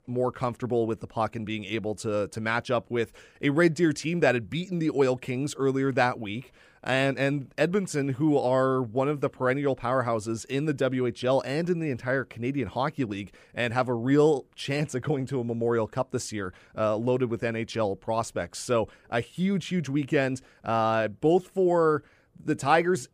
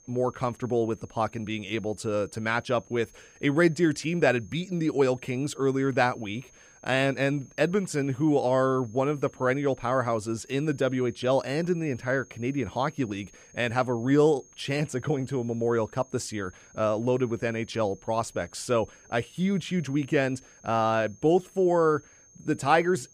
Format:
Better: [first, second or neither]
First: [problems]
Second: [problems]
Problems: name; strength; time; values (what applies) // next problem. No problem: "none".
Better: first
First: none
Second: high-pitched whine; faint; throughout; 6.5 kHz, 25 dB below the speech